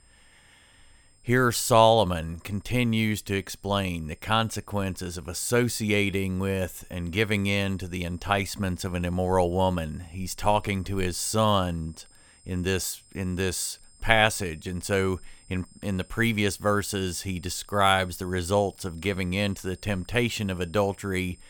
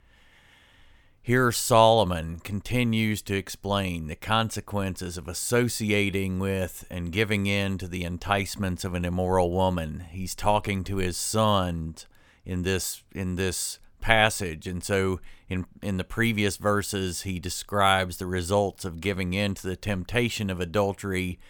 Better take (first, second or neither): second